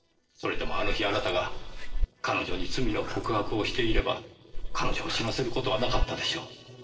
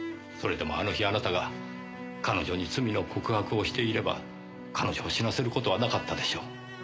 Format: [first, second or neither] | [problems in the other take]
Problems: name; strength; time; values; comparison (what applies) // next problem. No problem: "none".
second | noise reduction (neural separator model SepFormer DNS4)